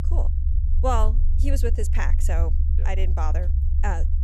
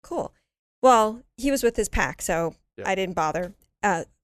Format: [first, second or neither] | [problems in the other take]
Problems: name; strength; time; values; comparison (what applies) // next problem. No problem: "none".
second | low rumble; noticeable; throughout; 10 dB below the speech